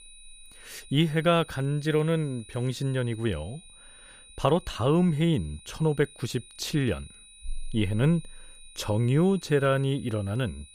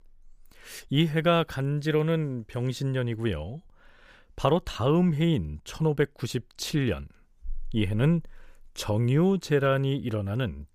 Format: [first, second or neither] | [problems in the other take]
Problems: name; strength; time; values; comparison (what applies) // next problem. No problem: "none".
second | high-pitched whine; faint; throughout; 4 kHz, 20 dB below the speech